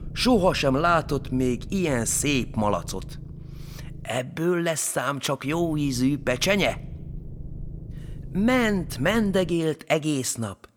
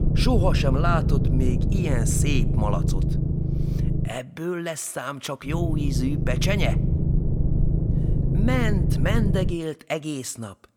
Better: first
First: low rumble; faint; until 4 s and from 5.5 to 9.5 s; 25 dB below the speech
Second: low rumble; loud; until 4 s and from 5.5 to 9.5 s; 5 dB below the speech

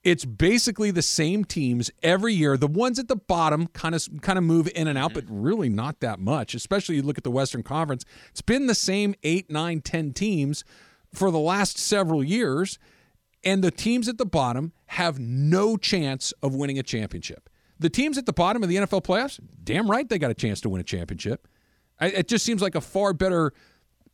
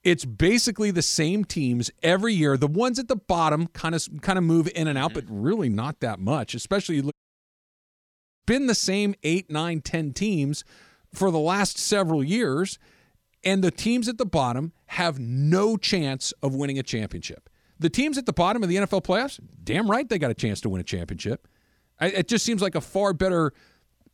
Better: first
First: none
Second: audio cutting out; at 7 s for 1.5 s

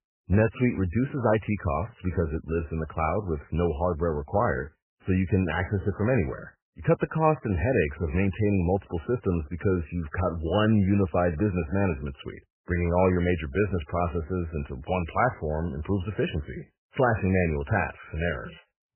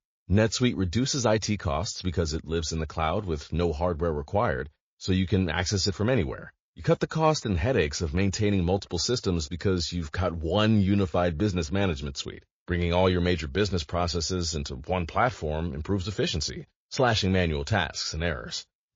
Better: second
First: garbled, watery; badly; nothing above 3 kHz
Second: garbled, watery; slightly

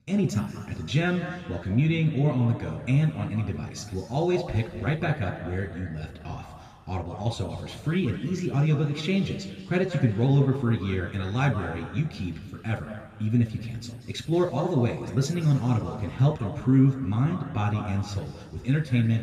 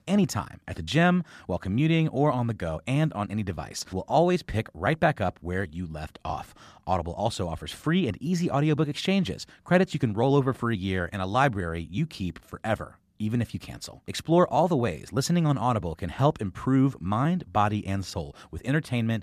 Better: second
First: room echo; noticeable; dies away in 2.1 s // off-mic speech; somewhat distant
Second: none

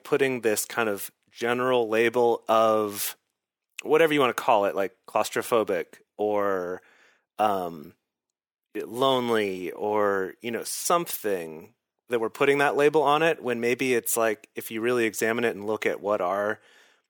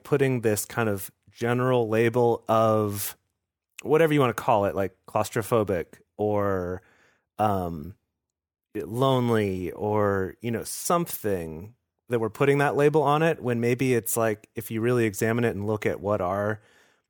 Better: second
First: thin; very slightly; fading below 300 Hz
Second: none

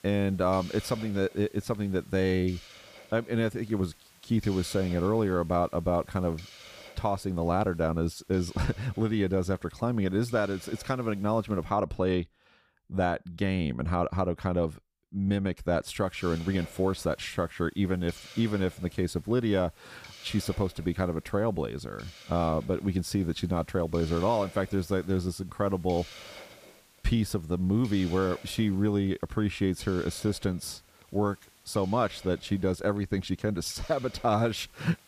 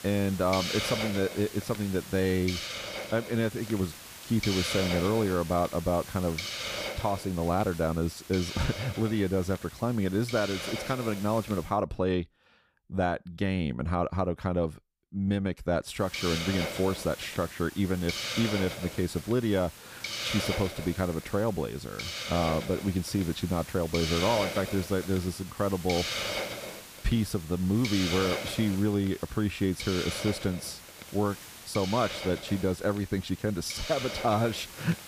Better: first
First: hiss; faint; until 12 s and from 16 s on; 20 dB below the speech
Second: hiss; loud; until 12 s and from 16 s on; 6 dB below the speech

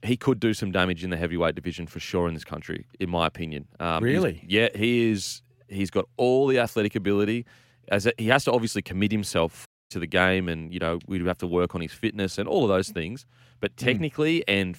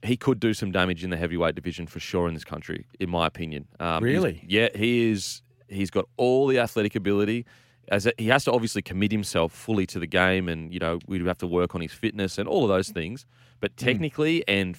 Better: second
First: audio cutting out; at 9.5 s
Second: none

